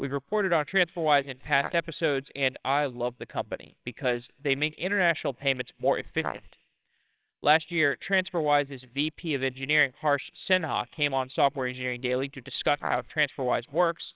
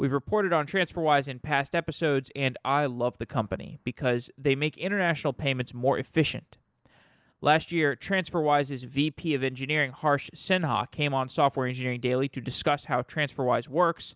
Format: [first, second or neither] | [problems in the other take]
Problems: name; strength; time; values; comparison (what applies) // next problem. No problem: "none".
second | noise reduction (neural separator model SepFormer WHAMR!)